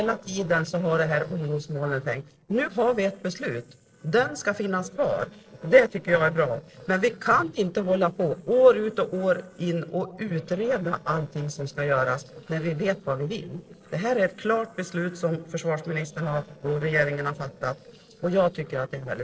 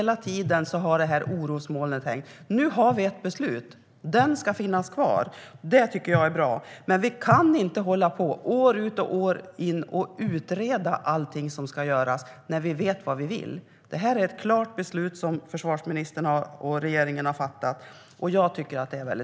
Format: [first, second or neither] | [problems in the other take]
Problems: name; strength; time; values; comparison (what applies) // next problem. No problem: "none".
second | noise reduction (neural separator model SepFormer DNS4)